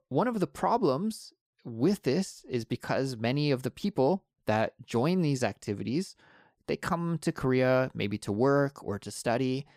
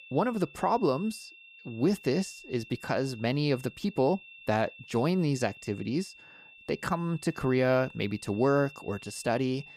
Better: first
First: none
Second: high-pitched whine; noticeable; throughout; 2.5 kHz, 20 dB below the speech

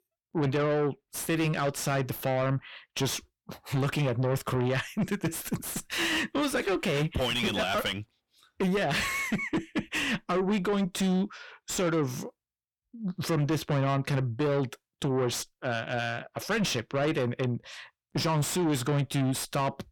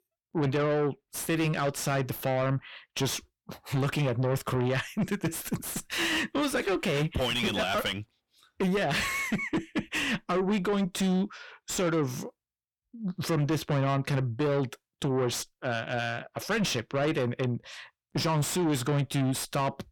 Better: neither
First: distortion; heavy; 7 dB below the speech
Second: distortion; heavy; 7 dB below the speech

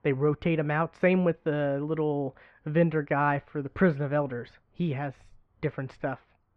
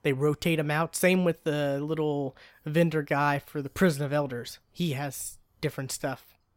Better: second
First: muffled; very; fading above 2 kHz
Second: none

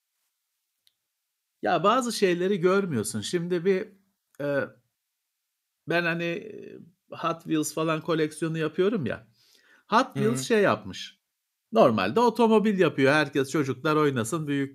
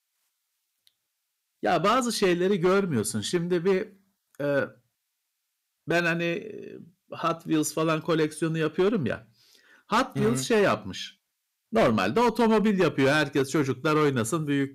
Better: first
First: none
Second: distortion; slight; 6% of the sound clipped

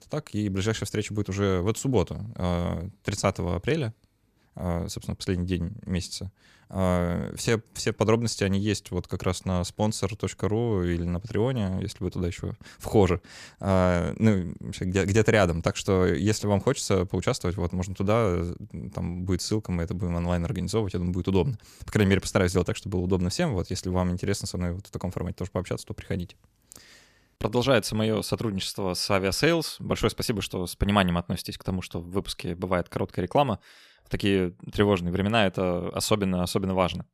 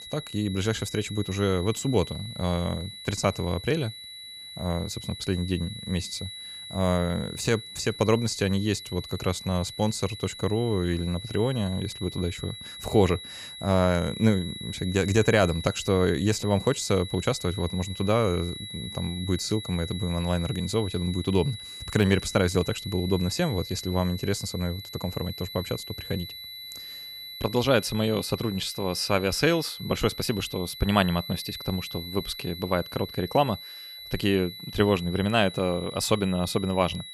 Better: first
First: none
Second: high-pitched whine; noticeable; throughout; 4 kHz, 10 dB below the speech

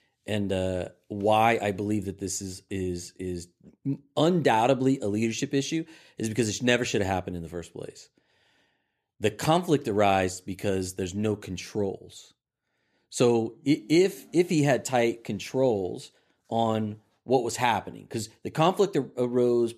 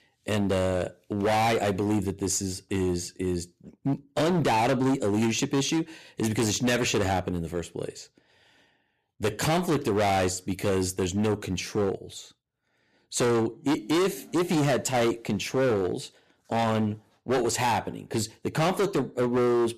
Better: first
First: none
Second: distortion; heavy; 17% of the sound clipped

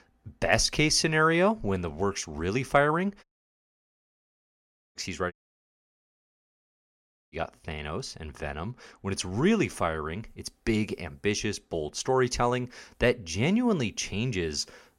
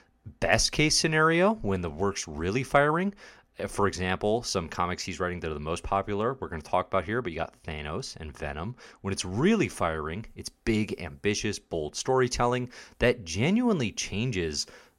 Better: second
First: audio cutting out; at 3 s for 1.5 s and at 5.5 s for 2 s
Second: none

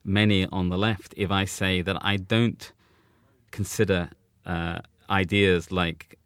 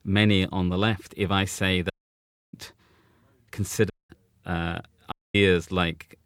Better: first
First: none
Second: audio cutting out; at 2 s for 0.5 s, at 4 s and at 5 s

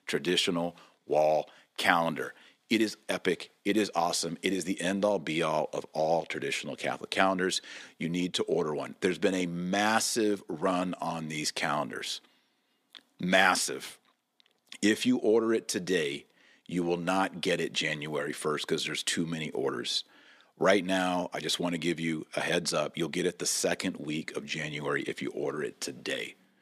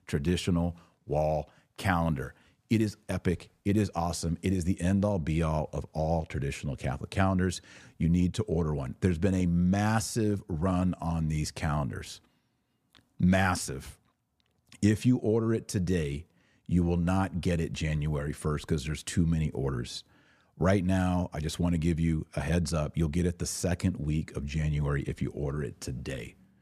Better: second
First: thin; somewhat; fading below 300 Hz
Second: none

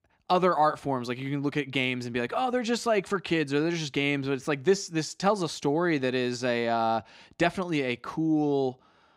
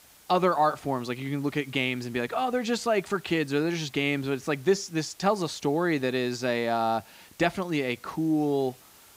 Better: first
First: none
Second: hiss; faint; throughout; 25 dB below the speech

